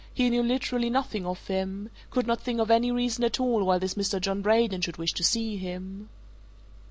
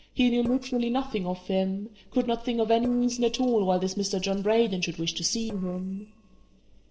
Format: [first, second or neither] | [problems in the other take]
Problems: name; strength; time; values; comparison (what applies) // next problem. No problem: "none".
first | noise reduction (neural separator model SepFormer DNS4)